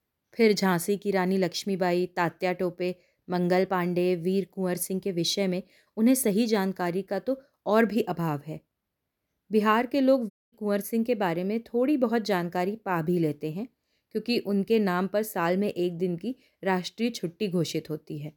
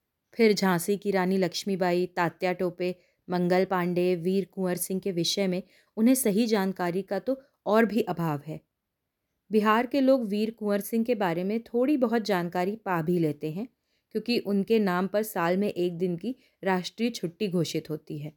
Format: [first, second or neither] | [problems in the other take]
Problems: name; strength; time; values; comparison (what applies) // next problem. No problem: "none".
second | audio cutting out; at 10 s